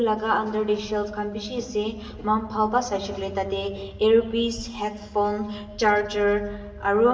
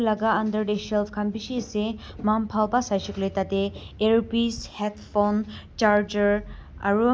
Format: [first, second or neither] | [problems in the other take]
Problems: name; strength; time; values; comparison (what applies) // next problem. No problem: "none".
second | room echo; dies away in 1.3 s